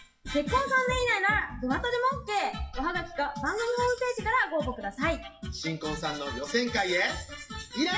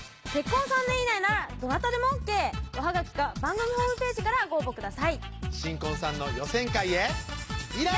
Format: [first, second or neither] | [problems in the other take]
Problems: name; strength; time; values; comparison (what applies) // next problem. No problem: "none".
second | noise reduction (classical method WPE with log-MMSE)